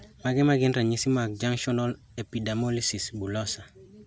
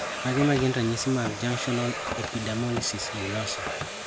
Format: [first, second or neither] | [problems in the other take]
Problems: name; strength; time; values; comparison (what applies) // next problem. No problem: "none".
first | background sound (Domestic sounds, home sounds); 5 dB below the speech